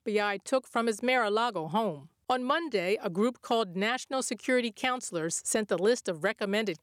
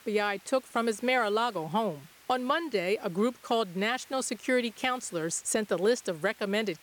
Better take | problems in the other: first | hiss; faint; throughout; 25 dB below the speech

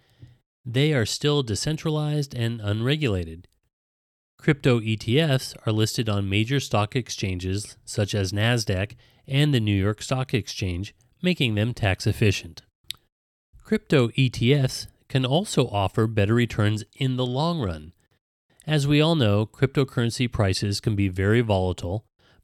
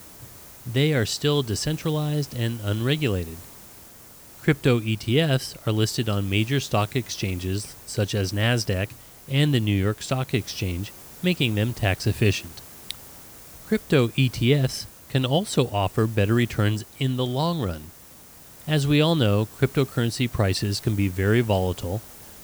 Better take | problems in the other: first | hiss; noticeable; throughout; 20 dB below the speech

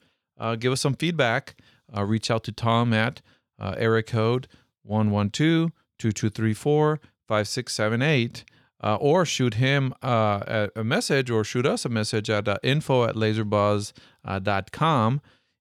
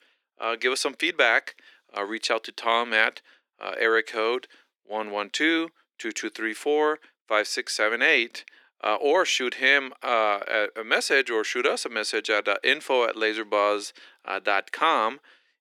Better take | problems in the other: first | thin; very; fading below 300 Hz

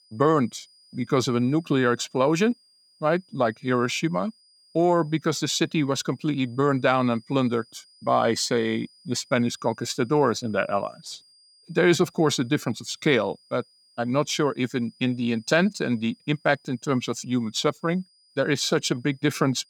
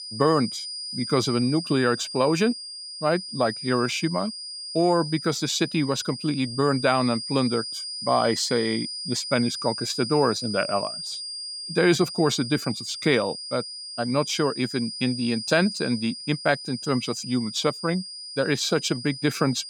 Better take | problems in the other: first | high-pitched whine; loud; throughout; 5 kHz, 8 dB below the speech; faint in the first

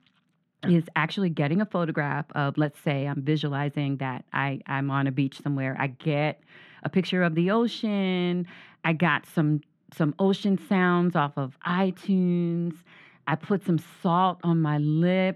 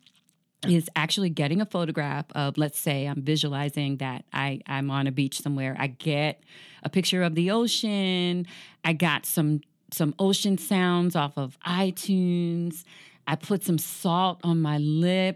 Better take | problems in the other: second | muffled; very; fading above 4 kHz

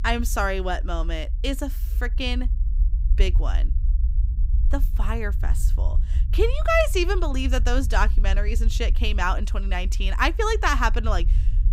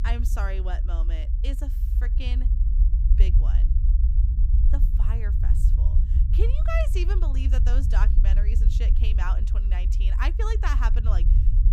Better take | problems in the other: first | low rumble; loud; throughout; 8 dB below the speech; faint in the first

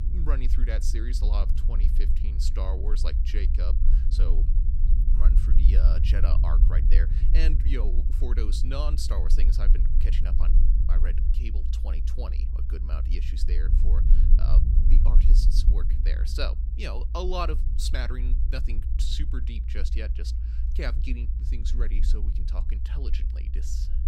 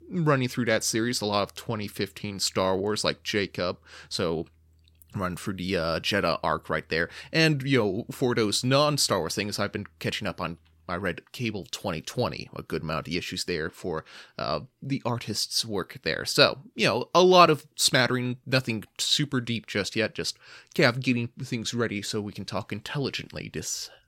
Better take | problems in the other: second | low rumble; loud; throughout; 7 dB below the speech

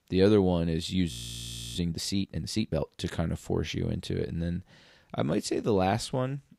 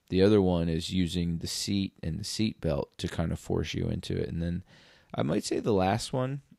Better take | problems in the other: second | audio freezing; at 1 s for 0.5 s

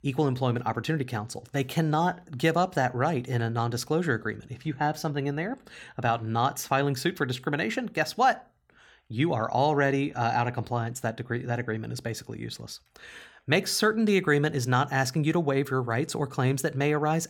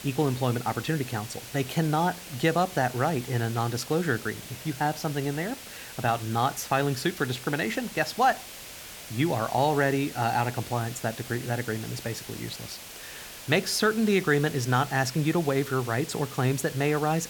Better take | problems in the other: first | hiss; noticeable; throughout; 15 dB below the speech

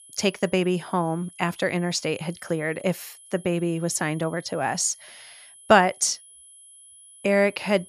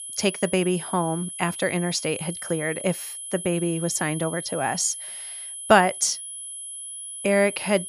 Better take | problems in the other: first | high-pitched whine; loud; throughout; 10.5 kHz, 9 dB below the speech; faint in the first

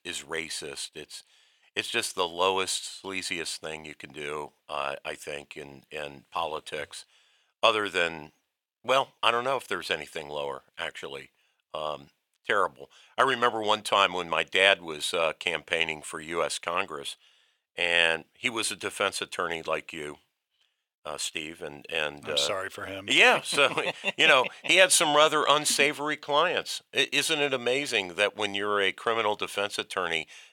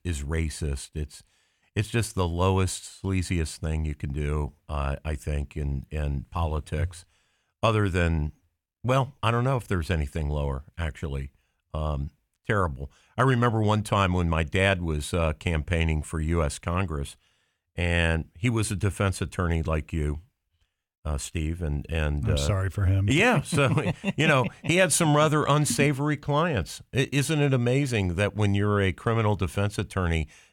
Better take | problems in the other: second | thin; very; fading below 550 Hz

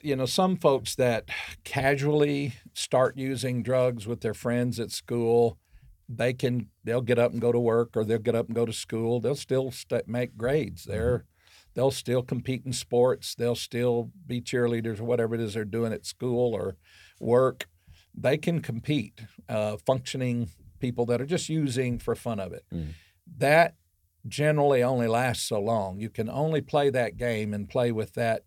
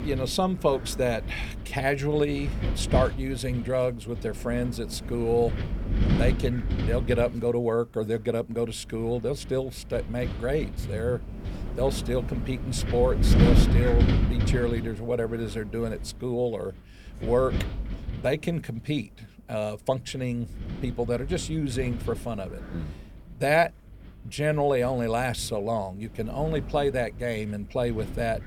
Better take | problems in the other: first | wind noise on the microphone; heavy; 10 dB below the speech

